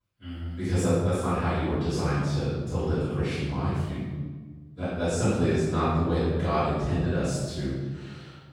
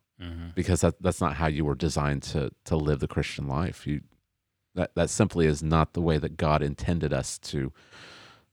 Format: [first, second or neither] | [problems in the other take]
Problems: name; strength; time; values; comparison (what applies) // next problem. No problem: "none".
second | off-mic speech; far // room echo; strong; dies away in 1.3 s